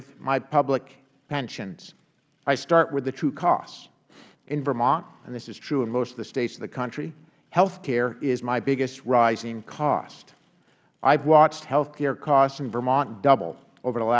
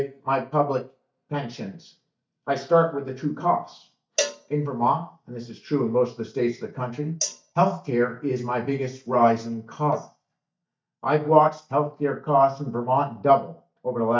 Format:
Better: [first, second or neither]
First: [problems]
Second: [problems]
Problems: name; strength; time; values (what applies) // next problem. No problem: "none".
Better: first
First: none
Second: noise reduction (neural mask model DeepFilterNet 3)